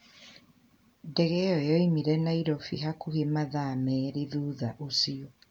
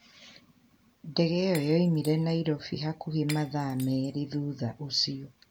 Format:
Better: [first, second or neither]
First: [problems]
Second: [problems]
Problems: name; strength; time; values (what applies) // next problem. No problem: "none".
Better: first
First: none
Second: background sound (Shatter); 19 dB below the speech